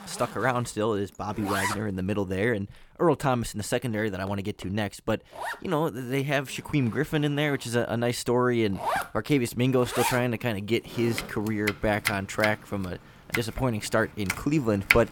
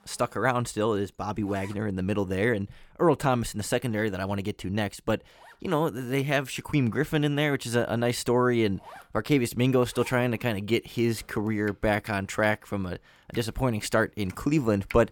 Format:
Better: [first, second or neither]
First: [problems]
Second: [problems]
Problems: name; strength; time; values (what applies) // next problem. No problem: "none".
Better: second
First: household noises; loud; throughout; 5 dB below the speech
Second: household noises; faint; throughout; 25 dB below the speech